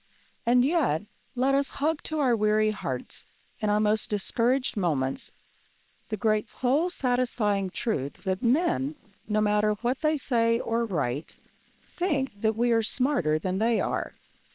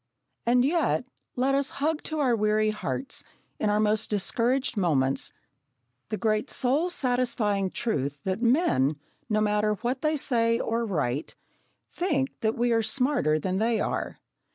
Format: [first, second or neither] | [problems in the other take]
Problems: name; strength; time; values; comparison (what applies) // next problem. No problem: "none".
second | noise reduction (neural separator model SepFormer WHAM!)